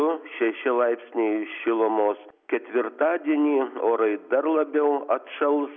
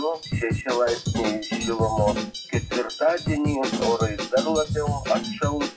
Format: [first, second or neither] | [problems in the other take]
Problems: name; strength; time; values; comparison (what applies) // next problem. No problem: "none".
first | noise reduction (classical method WPE with log-MMSE)